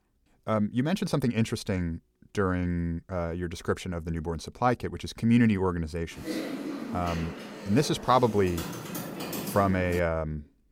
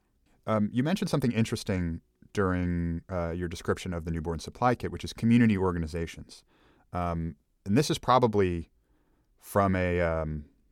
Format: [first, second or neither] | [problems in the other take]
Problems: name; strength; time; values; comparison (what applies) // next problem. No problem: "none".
second | keyboard typing; noticeable; from 6 to 10 s; peak 5 dB below the speech